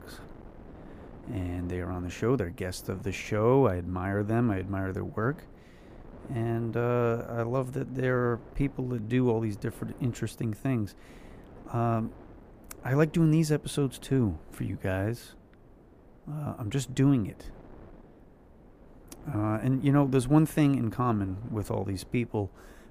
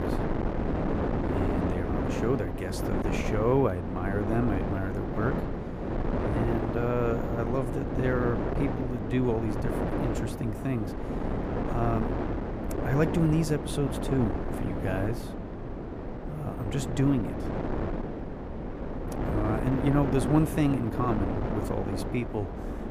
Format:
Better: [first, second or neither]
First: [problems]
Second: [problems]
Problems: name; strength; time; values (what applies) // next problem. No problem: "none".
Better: first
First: wind noise on the microphone; occasional gusts; 20 dB below the speech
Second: wind noise on the microphone; heavy; 2 dB below the speech